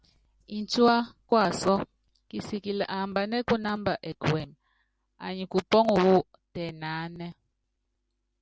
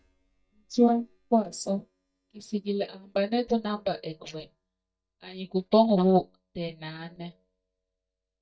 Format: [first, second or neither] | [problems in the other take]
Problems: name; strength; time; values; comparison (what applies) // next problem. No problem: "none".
first | noise reduction (neural mask model DeepFilterNet 3)